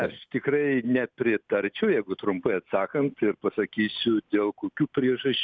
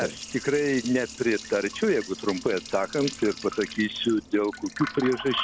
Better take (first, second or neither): first